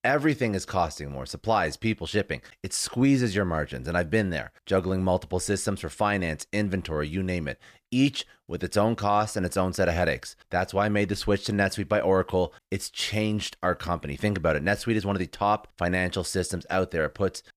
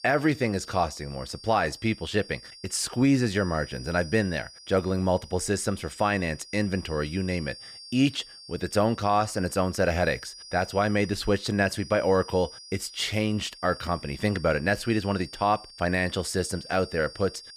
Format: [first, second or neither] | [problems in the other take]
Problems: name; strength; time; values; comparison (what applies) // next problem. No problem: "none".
first | high-pitched whine; noticeable; throughout; 5 kHz, 15 dB below the speech